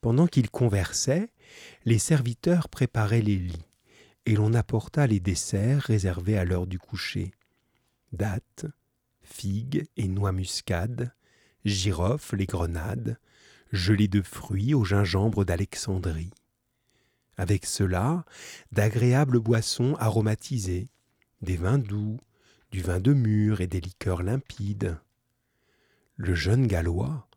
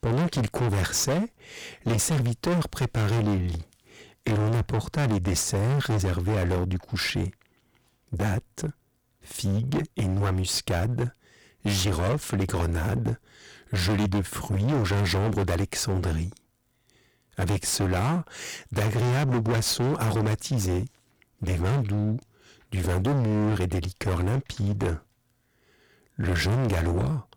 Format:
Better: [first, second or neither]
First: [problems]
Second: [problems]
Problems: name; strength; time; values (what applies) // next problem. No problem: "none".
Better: first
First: none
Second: distortion; heavy; 28% of the sound clipped